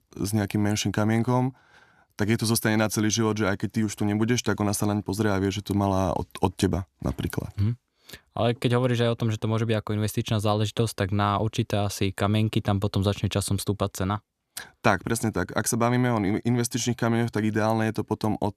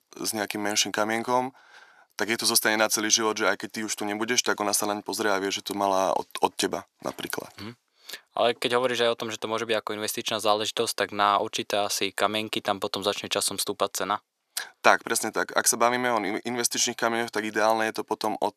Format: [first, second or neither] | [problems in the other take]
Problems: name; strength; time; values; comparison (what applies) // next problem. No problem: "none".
first | thin; very; fading below 500 Hz